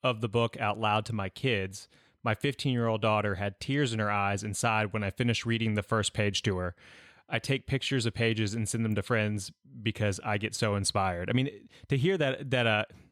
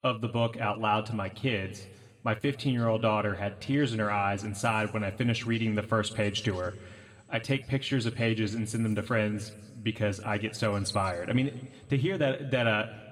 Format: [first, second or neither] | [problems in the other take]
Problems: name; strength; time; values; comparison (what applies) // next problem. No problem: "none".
first | room echo; slight; dies away in 1.5 s // off-mic speech; somewhat distant